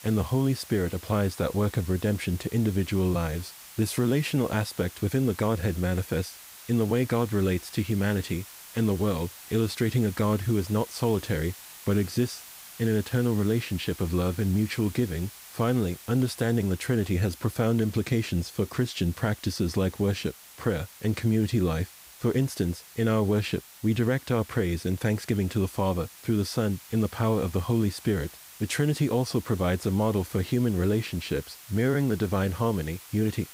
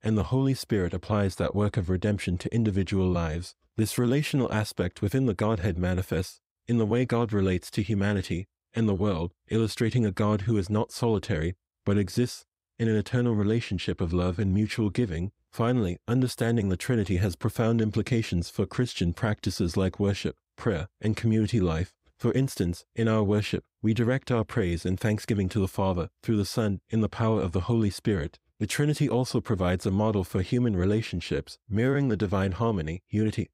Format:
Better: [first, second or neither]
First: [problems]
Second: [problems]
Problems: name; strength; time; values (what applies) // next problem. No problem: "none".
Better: second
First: hiss; noticeable; throughout; 15 dB below the speech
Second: none